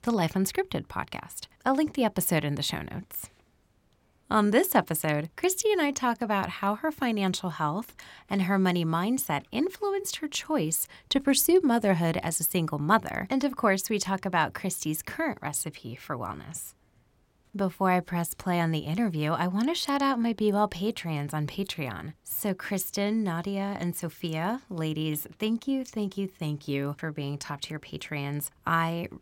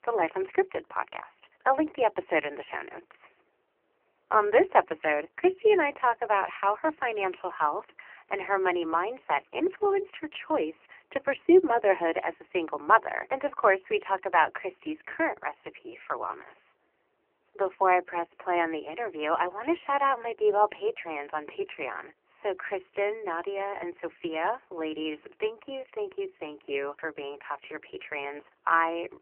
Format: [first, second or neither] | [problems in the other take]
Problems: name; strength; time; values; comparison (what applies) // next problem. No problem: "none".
first | phone-call audio; poor line; nothing above 3 kHz